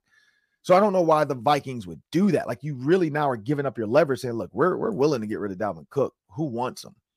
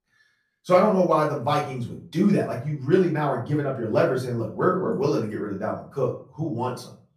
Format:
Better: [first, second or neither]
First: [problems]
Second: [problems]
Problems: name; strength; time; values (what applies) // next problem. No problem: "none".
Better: first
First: none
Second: off-mic speech; far // room echo; slight; dies away in 0.4 s